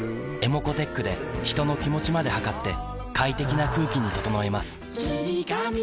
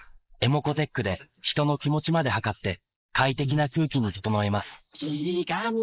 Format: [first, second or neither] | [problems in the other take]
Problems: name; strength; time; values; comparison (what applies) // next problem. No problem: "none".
first | noise reduction (neural mask model Resemble Enhance denoiser)